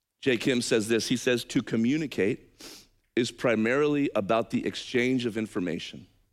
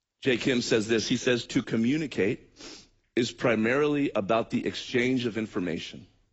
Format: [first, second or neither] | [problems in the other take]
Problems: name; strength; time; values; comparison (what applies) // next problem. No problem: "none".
first | garbled, watery; badly; nothing above 8 kHz